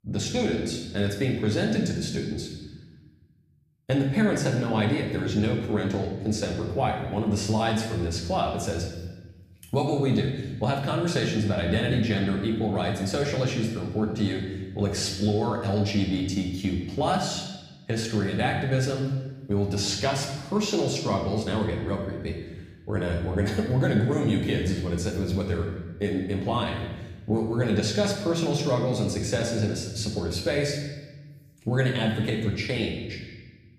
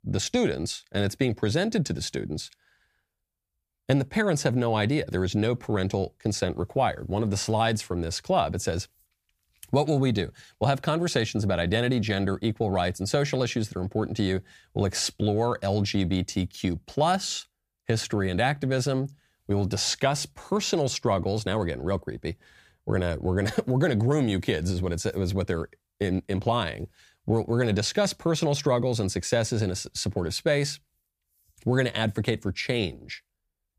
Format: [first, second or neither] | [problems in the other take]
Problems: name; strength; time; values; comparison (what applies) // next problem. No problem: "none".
second | room echo; noticeable; dies away in 1.1 s // off-mic speech; somewhat distant